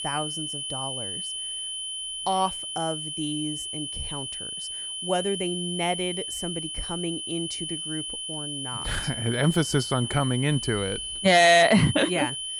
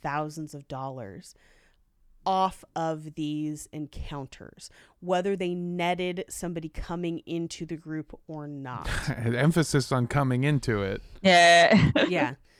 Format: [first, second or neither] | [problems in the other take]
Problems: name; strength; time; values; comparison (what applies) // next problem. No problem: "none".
second | high-pitched whine; loud; throughout; 3 kHz, 6 dB below the speech